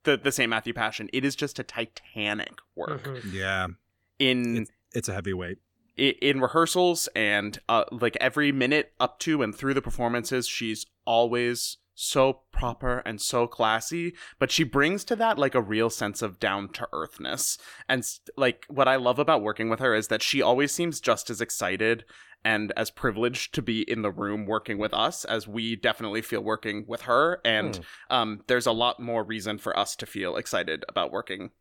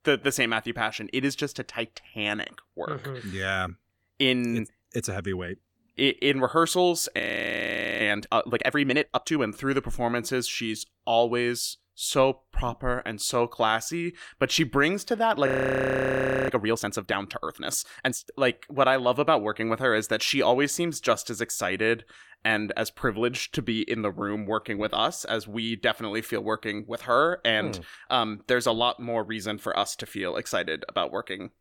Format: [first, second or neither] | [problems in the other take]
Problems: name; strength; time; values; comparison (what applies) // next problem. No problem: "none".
first | audio freezing; at 7 s for 1 s and at 15 s for 1 s